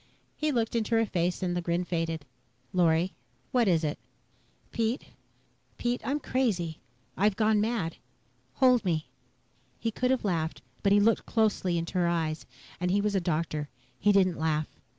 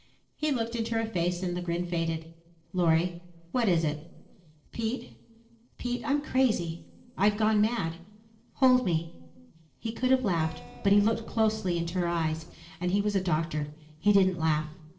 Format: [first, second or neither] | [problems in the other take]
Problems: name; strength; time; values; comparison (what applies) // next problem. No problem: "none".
first | noise reduction (neural separator model SepFormer DNS4)